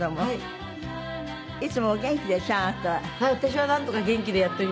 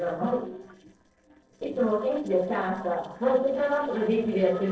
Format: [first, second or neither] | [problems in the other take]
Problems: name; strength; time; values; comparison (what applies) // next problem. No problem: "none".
first | noise reduction (neural separator model SepFormer DNS4)